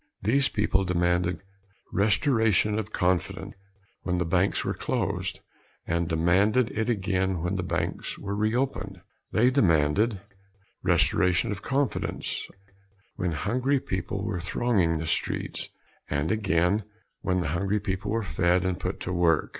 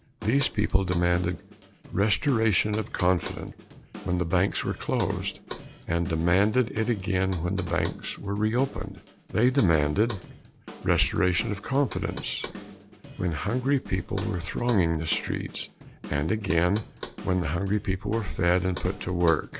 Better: first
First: none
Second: background sound (Drum / Drum kit + Knock); 16 dB below the speech

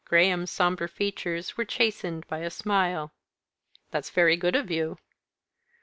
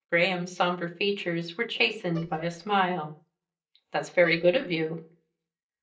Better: first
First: none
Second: noise reduction (neural mask model DeepFilterNet 3)

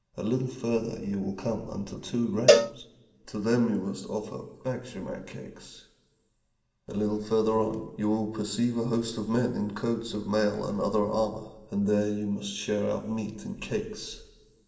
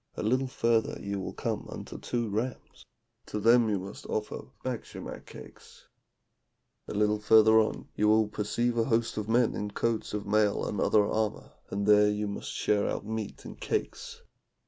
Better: second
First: background sound (Cowbell); 3 dB above the speech // room echo; dies away in 1.7 s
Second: none

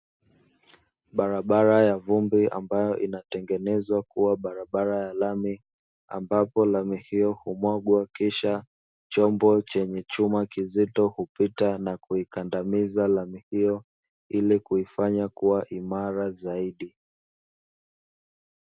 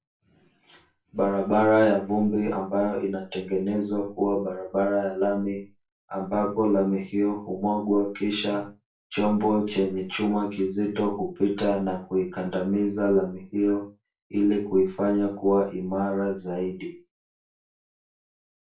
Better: first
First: none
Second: room echo; dies away in 0.3 s

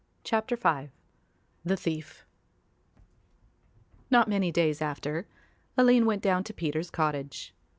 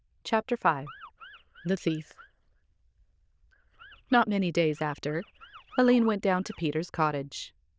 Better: first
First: none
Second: noise reduction (neural diffusion model UNIVERSE++)

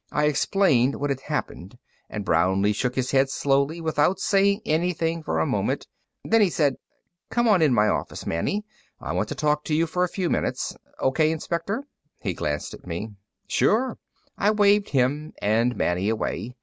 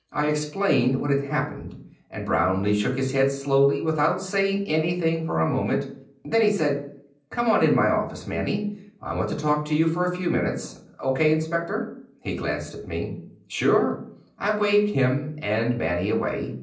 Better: first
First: none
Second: room echo; dies away in 0.6 s

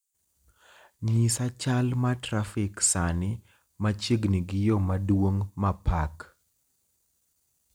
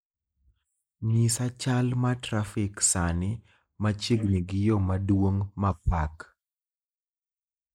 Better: first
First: none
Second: noise reduction (neural mask model Resemble Enhance denoiser)

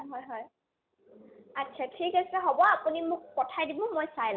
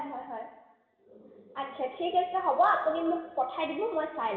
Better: first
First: none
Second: room echo; dies away in 1.2 s

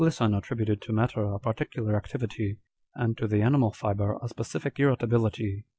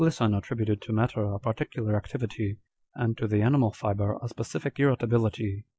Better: first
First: none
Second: noise reduction (neural mask model Resemble Enhance denoiser)

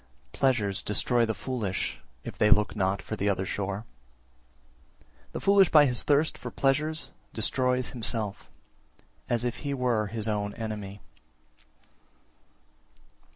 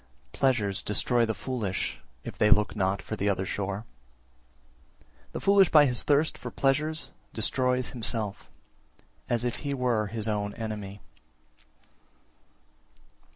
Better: first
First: none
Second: background sound (Scissors); 20 dB below the speech

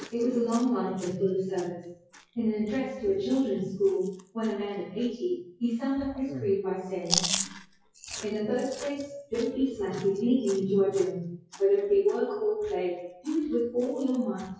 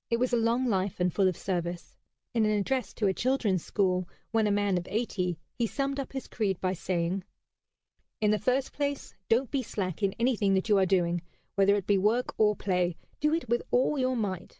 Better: second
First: noise reduction (classical method WPE with log-MMSE)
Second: none

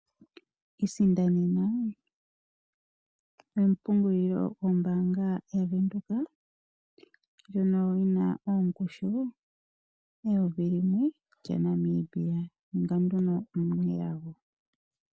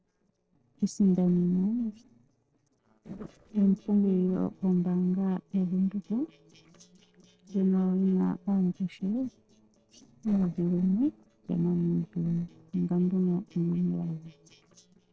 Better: first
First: none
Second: noise reduction (neural separator model SepFormer DNS4)

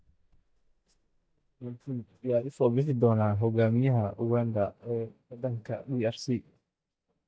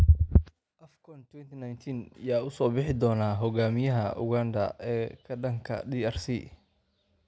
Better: second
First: noise reduction (neural mask model DeepFilterNet 3)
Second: none

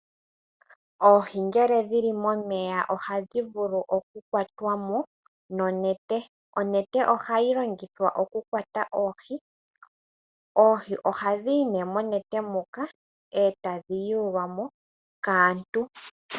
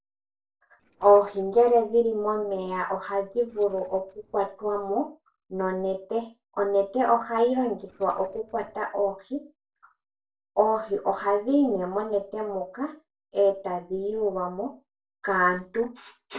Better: first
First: none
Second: noise reduction (neural separator model SepFormer DNS4)

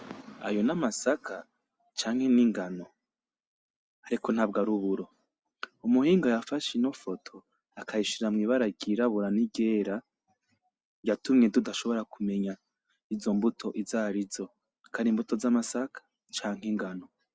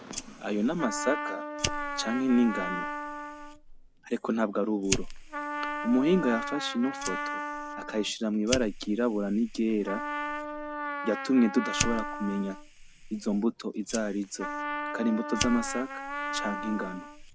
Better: first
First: none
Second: background sound (Trumpet + Fire); 5 dB below the speech

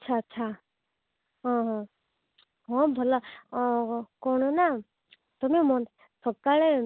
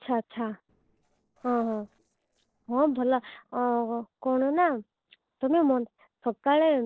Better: first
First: none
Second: noise reduction (neural separator model SepFormer DNS4)

